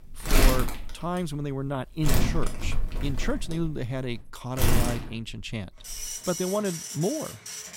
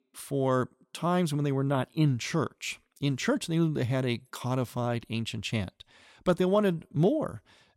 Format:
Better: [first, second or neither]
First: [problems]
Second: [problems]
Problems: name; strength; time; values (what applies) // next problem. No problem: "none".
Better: second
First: household noises; very loud; throughout; 2 dB above the speech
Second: none